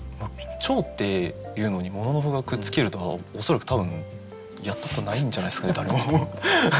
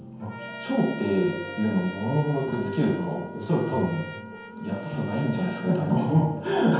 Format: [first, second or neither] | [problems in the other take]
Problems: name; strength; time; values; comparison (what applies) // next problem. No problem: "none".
first | background sound (Trumpet); 16 dB below the speech // room echo; dies away in 0.9 s